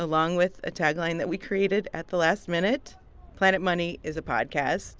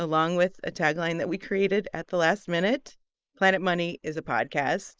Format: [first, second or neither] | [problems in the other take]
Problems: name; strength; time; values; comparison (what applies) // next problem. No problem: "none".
first | noise reduction (neural mask model Resemble Enhance denoiser)